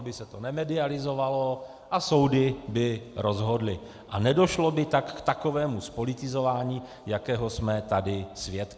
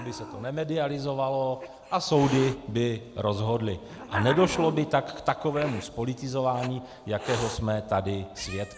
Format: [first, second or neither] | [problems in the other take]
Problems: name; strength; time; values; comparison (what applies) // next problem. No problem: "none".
first | background sound (Hiss); 12 dB below the speech